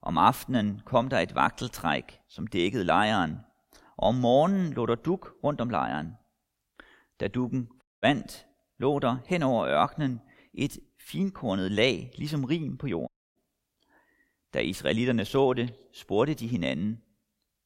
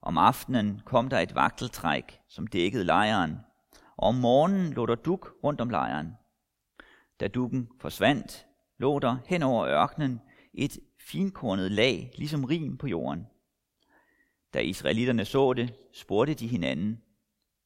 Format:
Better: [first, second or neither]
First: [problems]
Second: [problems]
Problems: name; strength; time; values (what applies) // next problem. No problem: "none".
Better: second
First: audio cutting out; at 8 s and at 13 s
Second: none